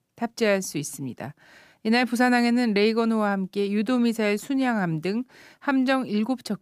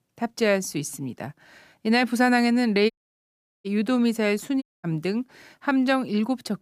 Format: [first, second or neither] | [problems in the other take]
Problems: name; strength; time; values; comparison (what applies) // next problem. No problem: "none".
first | audio cutting out; at 3 s for 0.5 s and at 4.5 s